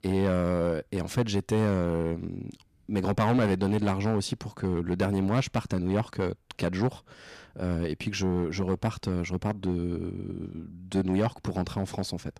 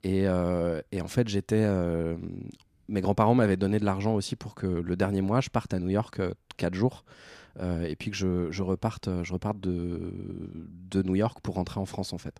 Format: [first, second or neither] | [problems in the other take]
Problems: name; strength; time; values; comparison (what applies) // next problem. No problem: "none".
second | distortion; slight; 5% of the sound clipped